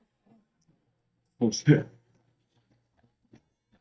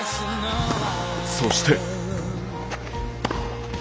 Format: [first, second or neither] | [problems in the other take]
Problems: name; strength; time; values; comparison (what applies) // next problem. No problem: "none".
second | noise reduction (neural mask model DeepFilterNet 3)